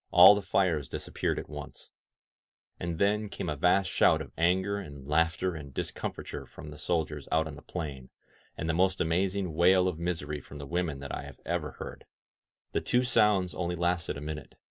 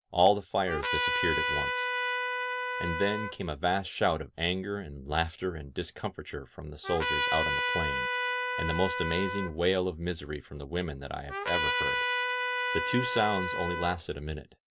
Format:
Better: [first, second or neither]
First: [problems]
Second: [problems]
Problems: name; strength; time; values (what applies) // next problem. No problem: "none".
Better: first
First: none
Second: background sound (Trumpet); as loud as the speech